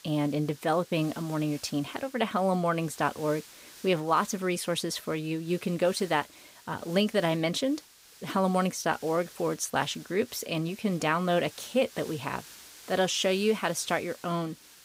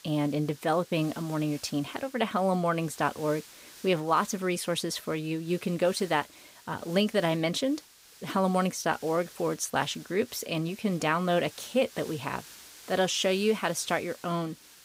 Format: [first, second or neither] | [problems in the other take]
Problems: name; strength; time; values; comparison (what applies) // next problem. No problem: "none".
neither | hiss; noticeable; throughout; 20 dB below the speech; the same in both